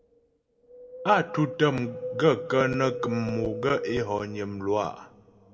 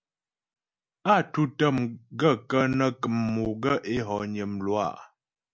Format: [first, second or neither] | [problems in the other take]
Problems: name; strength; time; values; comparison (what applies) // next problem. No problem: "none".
second | background sound (Wind); 10 dB below the speech // room echo; dies away in 2.1 s